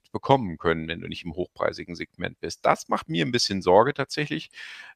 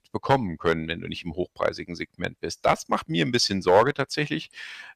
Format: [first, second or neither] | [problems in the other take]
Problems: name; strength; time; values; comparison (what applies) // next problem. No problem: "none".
first | distortion; slight; 0.7% of the sound clipped